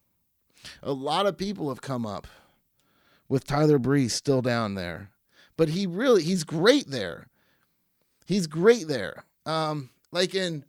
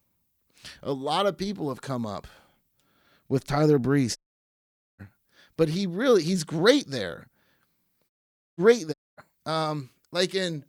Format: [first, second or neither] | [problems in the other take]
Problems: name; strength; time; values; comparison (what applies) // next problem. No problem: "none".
first | audio cutting out; at 4 s for 1 s, at 8 s and at 9 s